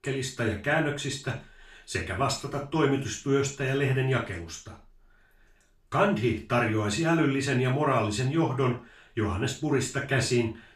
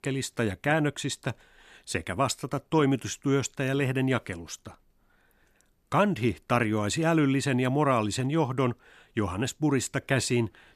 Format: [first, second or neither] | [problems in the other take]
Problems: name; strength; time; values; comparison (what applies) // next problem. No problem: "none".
second | room echo; slight; dies away in 0.3 s // off-mic speech; far